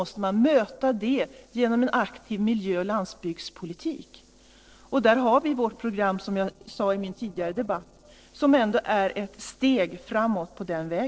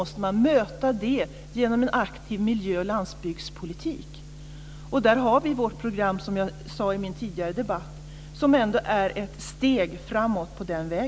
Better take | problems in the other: second | noise reduction (neural separator model SepFormer DNS4)

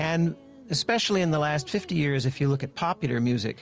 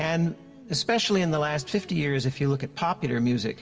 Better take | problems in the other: first | room echo; dies away in 1.2 s

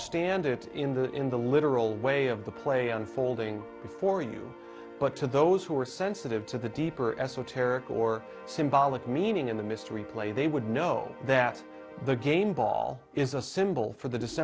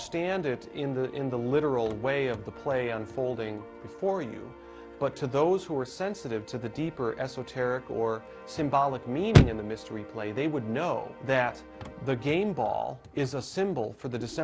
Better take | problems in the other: first | background sound (Chirp, tweet / Slam / Car); 5 dB below the speech

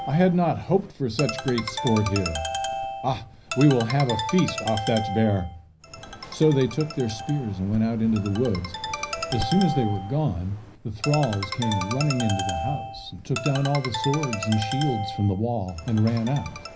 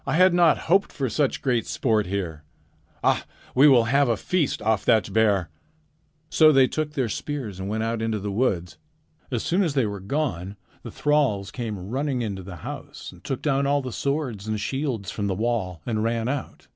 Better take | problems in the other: second | background sound (Ringtone); 8 dB below the speech // room echo; dies away in 0.5 s

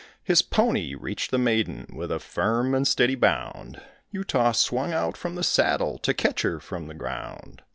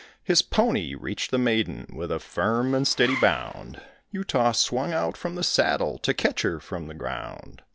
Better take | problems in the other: first | background sound (Zipper (clothing)); 12 dB below the speech

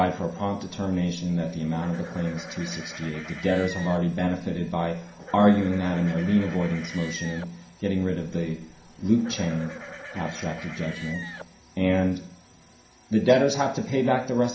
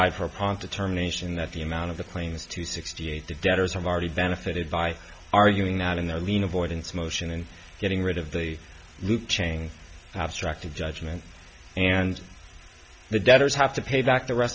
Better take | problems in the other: second | background sound (Livestock, farm animals, working animals); 15 dB below the speech // room echo; dies away in 0.5 s

